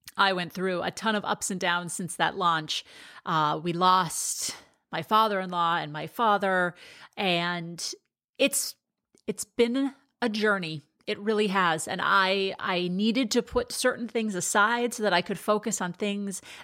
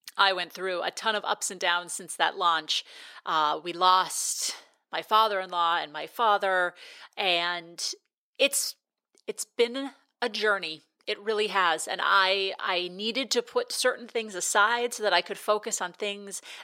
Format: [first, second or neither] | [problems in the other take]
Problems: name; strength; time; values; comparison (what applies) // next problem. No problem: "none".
first | thin; somewhat; fading below 450 Hz